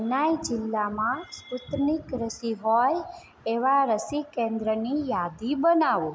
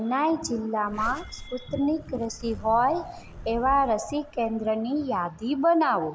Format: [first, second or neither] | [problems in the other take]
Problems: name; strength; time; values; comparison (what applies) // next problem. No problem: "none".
first | background sound (Zipper (clothing)); 15 dB below the speech